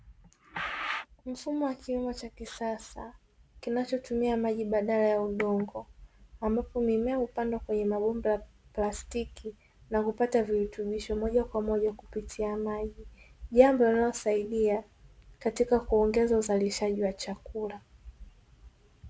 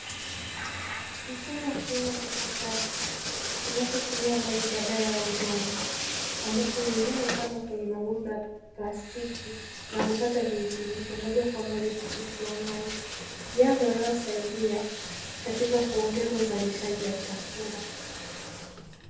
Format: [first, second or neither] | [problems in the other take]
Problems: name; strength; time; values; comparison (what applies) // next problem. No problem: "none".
first | background sound (Bathtub (filling or washing)); 4 dB below the speech // room echo; dies away in 0.8 s